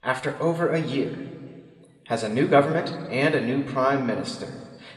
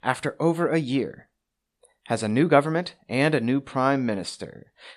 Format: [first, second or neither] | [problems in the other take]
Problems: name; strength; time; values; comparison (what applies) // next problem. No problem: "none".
second | room echo; slight; dies away in 1.7 s